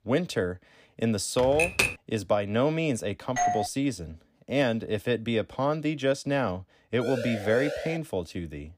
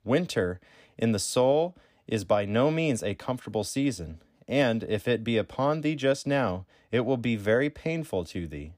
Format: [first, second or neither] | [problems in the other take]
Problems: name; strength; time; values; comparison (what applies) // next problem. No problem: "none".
second | keyboard typing; loud; at 1.5 s; peak 4 dB above the speech // doorbell; loud; at 3.5 s; peak 1 dB above the speech // siren; noticeable; at 7 s; peak 5 dB below the speech